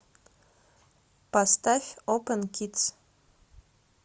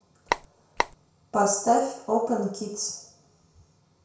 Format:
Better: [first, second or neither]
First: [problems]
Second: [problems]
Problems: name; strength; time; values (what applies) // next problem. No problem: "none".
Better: first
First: none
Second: background sound (Telephone); 1 dB below the speech // room echo; dies away in 0.5 s